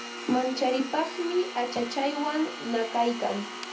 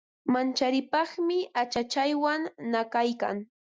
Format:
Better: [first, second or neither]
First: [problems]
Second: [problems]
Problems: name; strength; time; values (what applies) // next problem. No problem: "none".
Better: second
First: background sound (Domestic sounds, home sounds); 10 dB below the speech // room echo; dies away in 0.3 s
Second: none